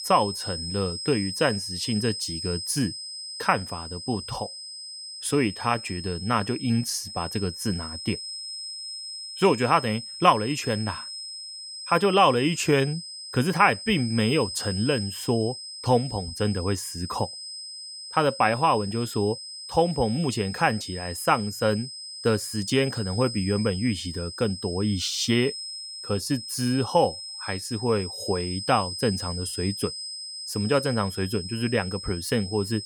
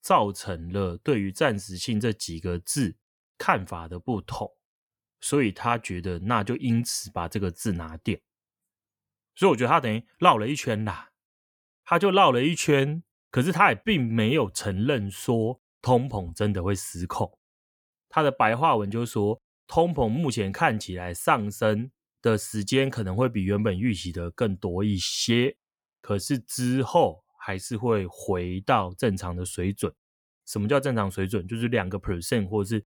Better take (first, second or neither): second